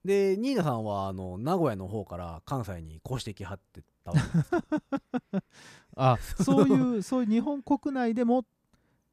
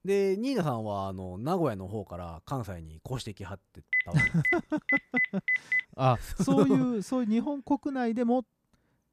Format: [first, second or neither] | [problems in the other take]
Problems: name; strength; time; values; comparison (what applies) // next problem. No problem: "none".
first | phone ringing; loud; from 4 to 6 s; peak 4 dB above the speech